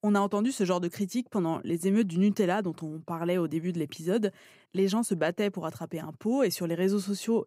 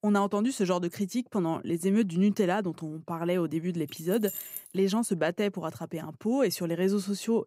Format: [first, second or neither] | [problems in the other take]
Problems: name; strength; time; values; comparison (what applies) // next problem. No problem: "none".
first | jangling keys; noticeable; at 4 s; peak 7 dB below the speech